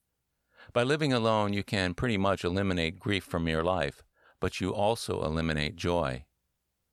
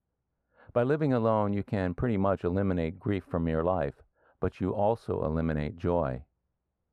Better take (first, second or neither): first